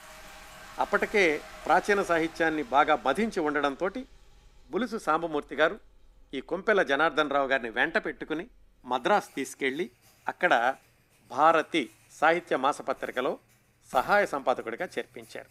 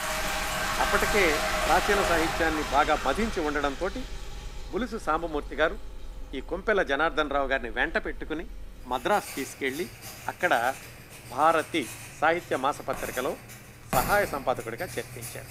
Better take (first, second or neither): first